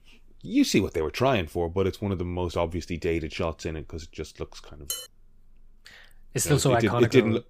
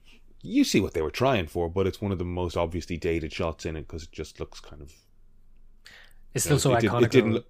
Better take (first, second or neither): second